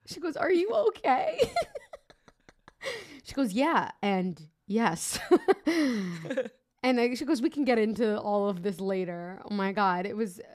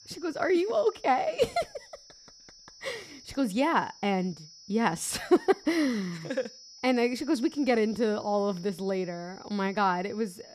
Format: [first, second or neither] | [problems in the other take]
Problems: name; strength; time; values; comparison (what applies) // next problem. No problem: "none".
first | high-pitched whine; faint; throughout; 5 kHz, 20 dB below the speech